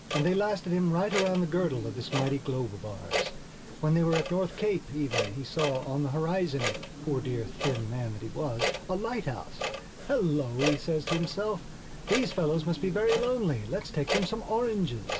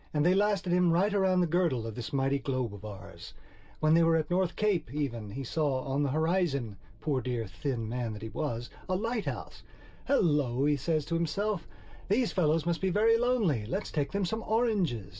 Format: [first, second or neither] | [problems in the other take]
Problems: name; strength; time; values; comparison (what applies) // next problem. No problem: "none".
second | background sound (Clock); 7 dB below the speech